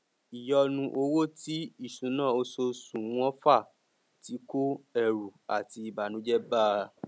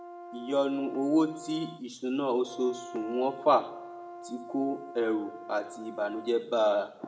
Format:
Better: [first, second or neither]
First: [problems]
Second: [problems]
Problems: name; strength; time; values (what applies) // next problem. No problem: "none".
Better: first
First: none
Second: background sound (Brass instrument); 15 dB below the speech // room echo; dies away in 0.6 s